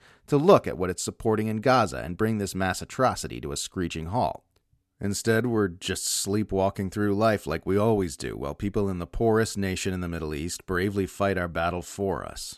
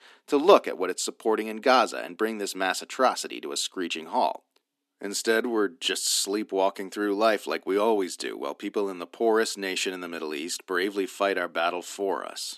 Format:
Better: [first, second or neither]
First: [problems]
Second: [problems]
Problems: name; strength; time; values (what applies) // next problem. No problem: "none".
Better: first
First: none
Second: thin; somewhat; fading below 250 Hz